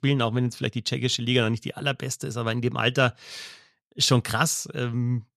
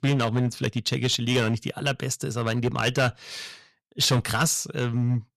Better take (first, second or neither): first